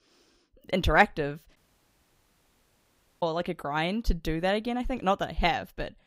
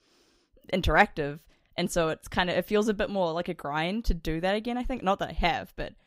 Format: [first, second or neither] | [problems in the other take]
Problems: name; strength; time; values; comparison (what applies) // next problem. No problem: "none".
second | audio cutting out; at 1.5 s for 1.5 s